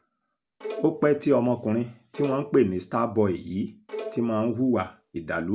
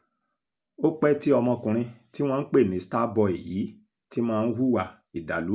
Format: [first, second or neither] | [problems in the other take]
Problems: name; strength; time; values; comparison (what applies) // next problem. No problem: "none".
second | background sound (Bowed string instrument); 14 dB below the speech